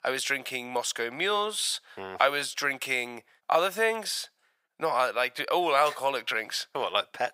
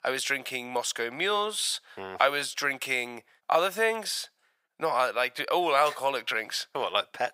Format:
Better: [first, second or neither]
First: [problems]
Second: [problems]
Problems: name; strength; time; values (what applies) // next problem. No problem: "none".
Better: neither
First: thin; very; fading below 750 Hz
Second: thin; very; fading below 750 Hz